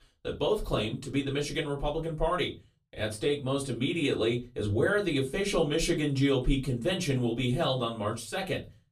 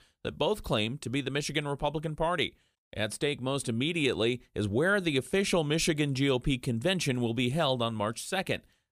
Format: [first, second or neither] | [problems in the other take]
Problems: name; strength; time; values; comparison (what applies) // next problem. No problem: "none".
second | off-mic speech; far // room echo; very slight; dies away in 0.2 s